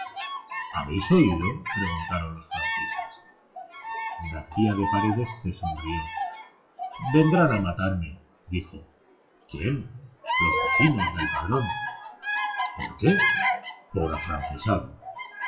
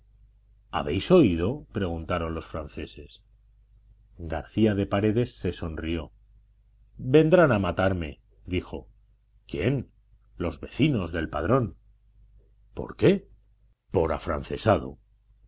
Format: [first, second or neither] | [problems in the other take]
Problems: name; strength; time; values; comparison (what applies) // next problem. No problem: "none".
second | noise reduction (classical method WPE with log-MMSE)